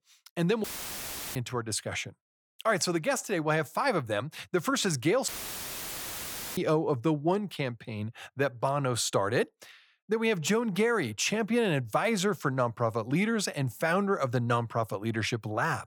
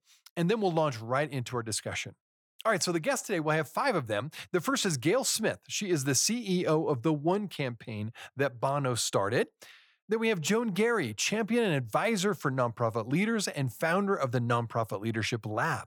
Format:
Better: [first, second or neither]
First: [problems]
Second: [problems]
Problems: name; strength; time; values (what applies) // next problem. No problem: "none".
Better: second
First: audio cutting out; filled with static; at 0.5 s for 0.5 s and at 5.5 s for 1.5 s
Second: none